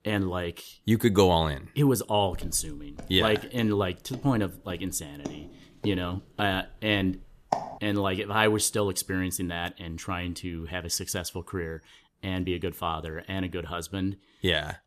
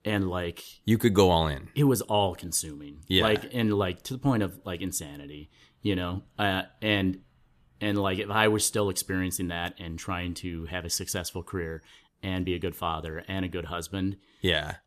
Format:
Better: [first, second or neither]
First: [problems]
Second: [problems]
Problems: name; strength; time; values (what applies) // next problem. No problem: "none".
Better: second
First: footsteps; noticeable; from 2.5 to 7.5 s; peak 4 dB below the speech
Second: none